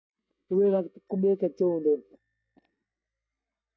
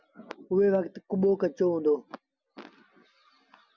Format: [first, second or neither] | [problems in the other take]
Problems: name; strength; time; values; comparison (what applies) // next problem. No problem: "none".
second | noise reduction (neural mask model DeepFilterNet 3)